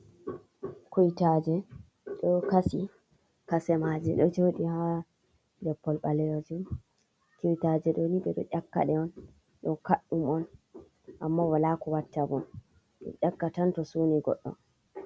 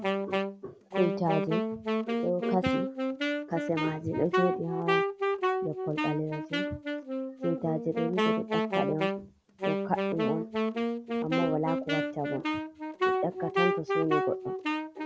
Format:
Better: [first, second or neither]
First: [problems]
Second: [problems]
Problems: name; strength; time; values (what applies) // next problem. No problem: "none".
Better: first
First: none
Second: background sound (Wind instrument, woodwind instrument); 3 dB above the speech